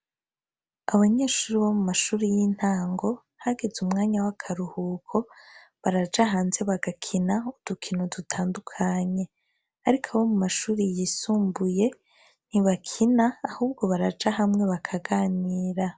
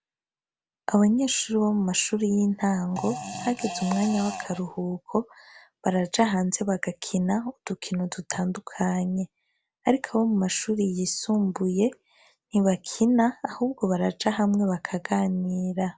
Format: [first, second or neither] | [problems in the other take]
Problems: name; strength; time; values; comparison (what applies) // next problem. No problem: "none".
first | background sound (Fart); 10 dB below the speech